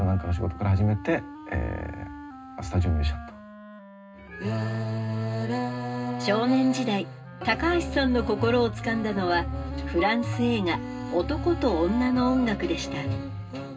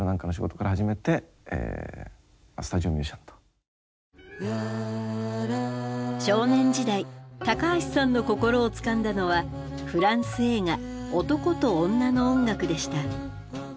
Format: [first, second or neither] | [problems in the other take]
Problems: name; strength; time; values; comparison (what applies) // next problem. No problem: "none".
second | background sound (Wind instrument, woodwind instrument); 17 dB below the speech // room echo; dies away in 0.2 s